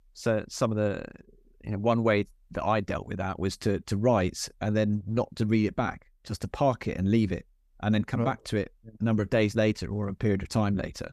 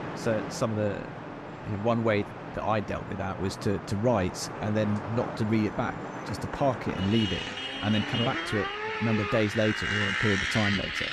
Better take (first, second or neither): first